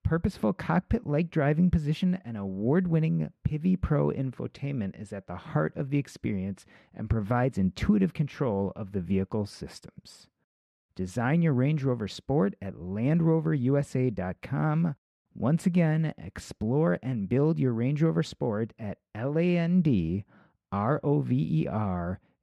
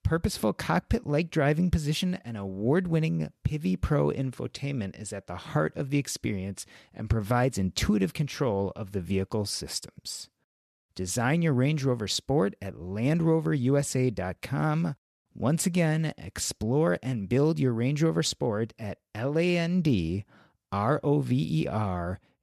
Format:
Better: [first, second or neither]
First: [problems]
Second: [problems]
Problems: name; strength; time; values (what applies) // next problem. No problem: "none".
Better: second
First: muffled; slightly; fading above 3.5 kHz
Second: none